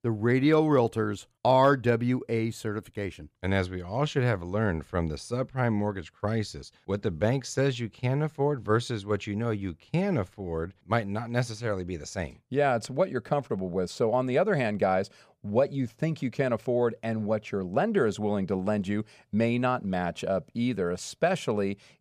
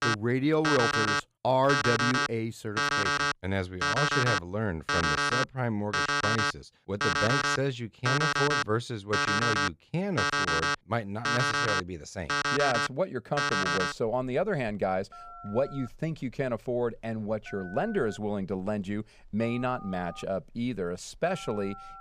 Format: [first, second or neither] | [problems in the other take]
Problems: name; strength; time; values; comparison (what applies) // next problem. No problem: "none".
first | alarms or sirens; very loud; throughout; 3 dB above the speech